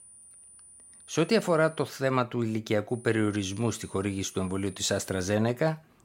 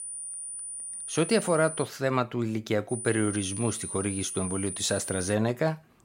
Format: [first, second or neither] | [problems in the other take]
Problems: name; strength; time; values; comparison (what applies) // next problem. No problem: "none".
first | high-pitched whine; loud; until 2 s and from 3 to 5.5 s; 9.5 kHz, 6 dB below the speech; faint in the first